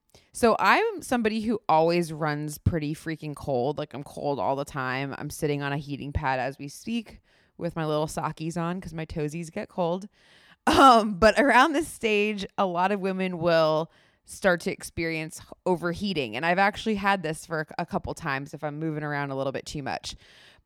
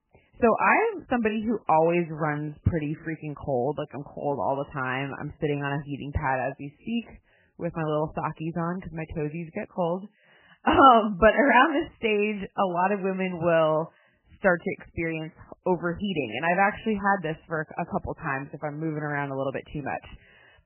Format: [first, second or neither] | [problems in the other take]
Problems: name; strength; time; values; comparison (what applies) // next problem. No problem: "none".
first | garbled, watery; badly; nothing above 3 kHz